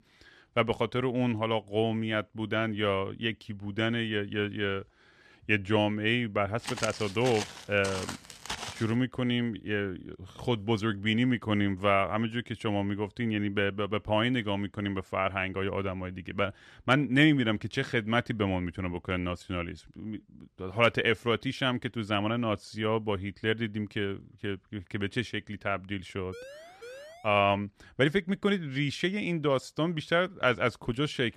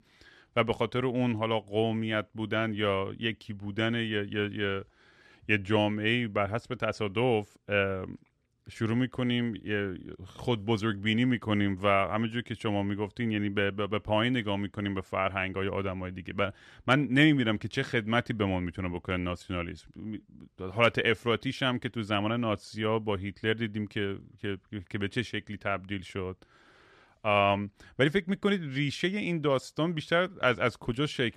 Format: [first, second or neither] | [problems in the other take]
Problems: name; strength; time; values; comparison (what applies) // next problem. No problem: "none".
second | footsteps; noticeable; from 6.5 to 9 s; peak 6 dB below the speech // siren; faint; at 26 s; peak 15 dB below the speech